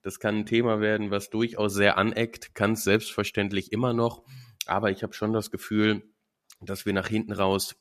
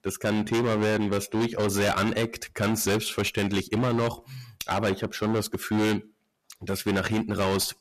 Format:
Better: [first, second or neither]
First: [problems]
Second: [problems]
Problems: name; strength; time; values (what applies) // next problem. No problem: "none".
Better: first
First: none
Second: distortion; heavy; 20% of the sound clipped